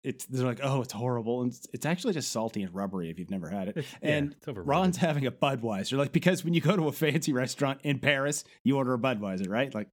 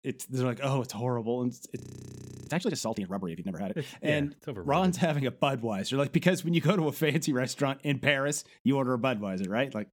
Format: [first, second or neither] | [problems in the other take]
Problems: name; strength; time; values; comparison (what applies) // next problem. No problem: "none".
first | audio freezing; at 2 s for 0.5 s